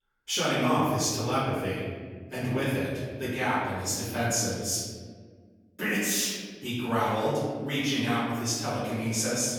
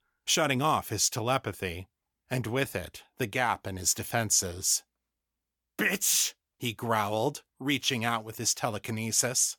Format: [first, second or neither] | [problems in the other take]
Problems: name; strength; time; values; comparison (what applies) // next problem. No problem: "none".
second | off-mic speech; far // room echo; strong; dies away in 1.8 s